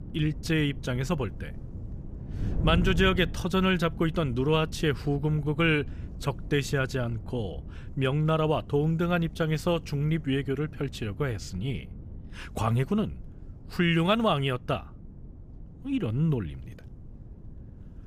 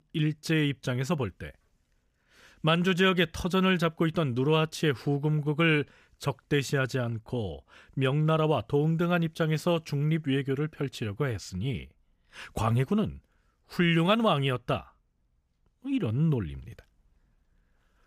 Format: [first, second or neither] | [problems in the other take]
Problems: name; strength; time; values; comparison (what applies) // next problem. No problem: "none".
second | wind noise on the microphone; occasional gusts; 20 dB below the speech